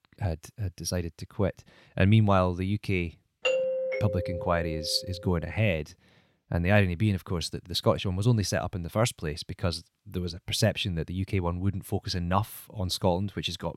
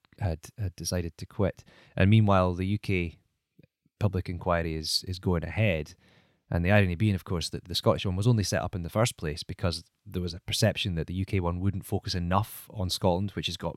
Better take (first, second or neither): second